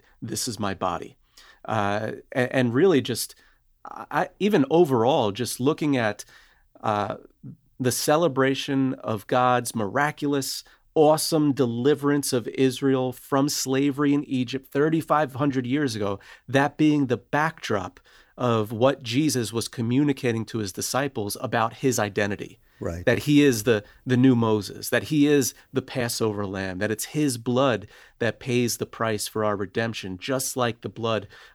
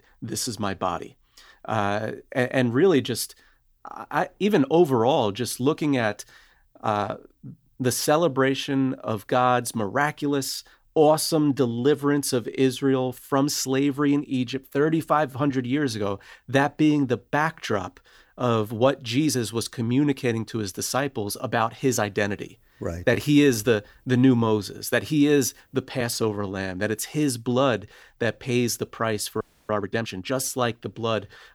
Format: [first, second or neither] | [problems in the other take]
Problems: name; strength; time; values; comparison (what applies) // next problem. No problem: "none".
first | audio freezing; at 29 s